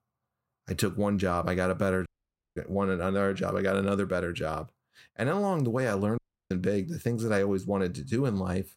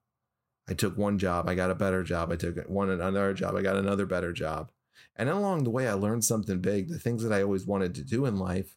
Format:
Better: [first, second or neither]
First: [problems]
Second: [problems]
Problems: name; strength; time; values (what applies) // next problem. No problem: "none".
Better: second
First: audio cutting out; at 2 s for 0.5 s and at 6 s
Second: none